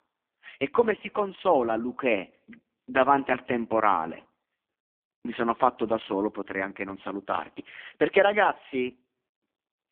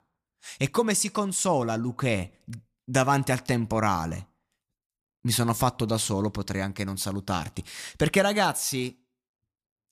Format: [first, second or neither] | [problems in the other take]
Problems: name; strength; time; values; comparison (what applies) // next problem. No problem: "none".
second | phone-call audio; poor line